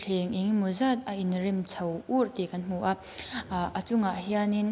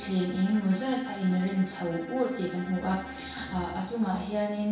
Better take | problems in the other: first | background sound (Bowed string instrument); 14 dB below the speech // room echo; dies away in 0.6 s

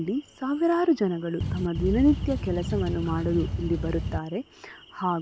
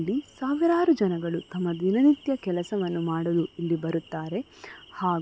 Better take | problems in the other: second | background sound (Boat, Water vehicle); 3 dB below the speech

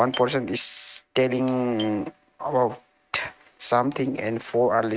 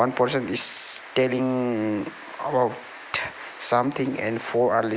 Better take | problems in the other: second | noise reduction (neural mask model RNNoise)

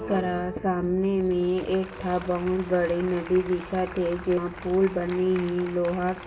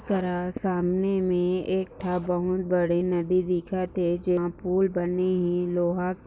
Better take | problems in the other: second | background sound (Applause); 16 dB below the speech // room echo; dies away in 1.6 s

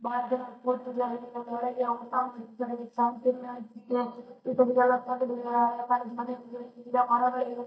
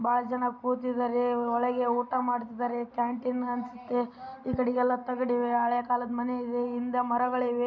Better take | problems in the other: second | noise reduction (neural mask model DeepFilterNet 3)

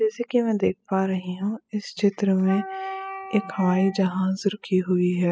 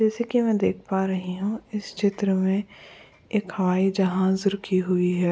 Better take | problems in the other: second | noise reduction (classical method spectral subtraction)

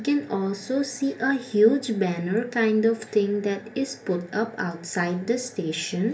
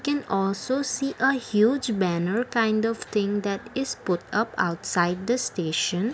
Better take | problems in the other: second | room echo; dies away in 0.3 s

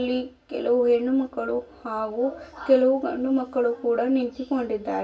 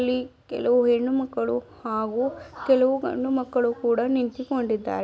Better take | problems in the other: second | room echo; dies away in 0.2 s

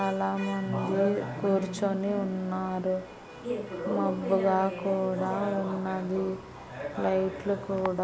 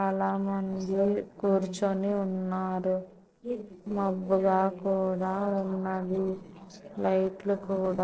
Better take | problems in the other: first | noise reduction (neural separator model SepFormer DNS4)

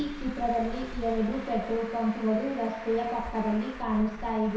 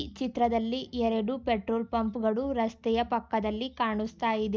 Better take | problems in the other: second | background sound (Traffic noise, roadway noise); 11 dB below the speech // room echo; dies away in 0.7 s

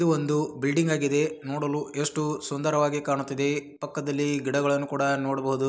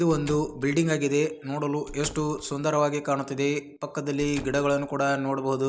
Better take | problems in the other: first | background sound (Squeak / Slam / Wood); 18 dB below the speech

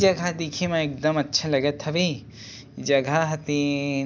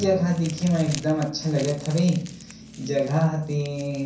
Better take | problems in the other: first | background sound (Crumpling, crinkling); 19 dB below the speech // room echo; dies away in 0.6 s

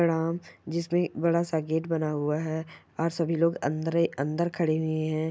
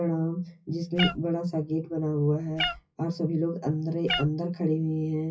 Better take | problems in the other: first | noise reduction (classical method WPE with log-MMSE)

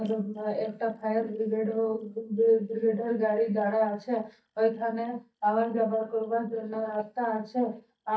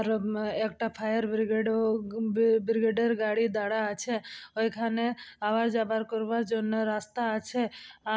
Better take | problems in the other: second | noise reduction (neural mask model DeepFilterNet 3)

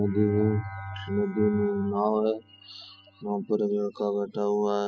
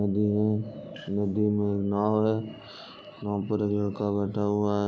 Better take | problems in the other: second | noise reduction (classical method spectral subtraction)

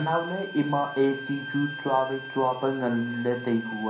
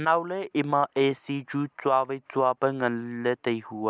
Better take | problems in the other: second | background sound (Bowed string instrument); 12 dB below the speech // room echo; dies away in 0.6 s

